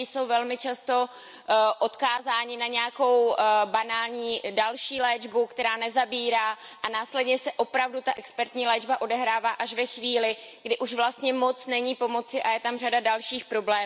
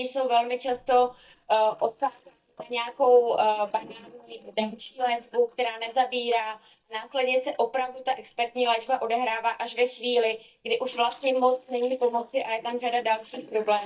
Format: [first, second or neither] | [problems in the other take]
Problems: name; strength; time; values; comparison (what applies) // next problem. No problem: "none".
first | noise reduction (neural mask model DeepFilterNet 3)